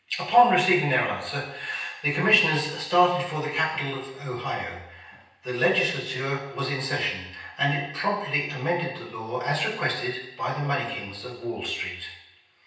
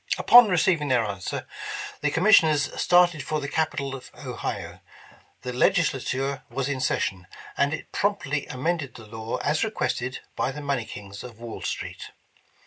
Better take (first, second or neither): second